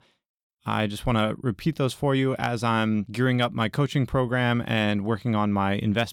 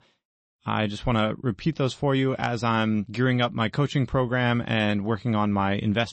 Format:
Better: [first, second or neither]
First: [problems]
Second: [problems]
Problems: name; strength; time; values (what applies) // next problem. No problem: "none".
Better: first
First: none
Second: garbled, watery; slightly; nothing above 8 kHz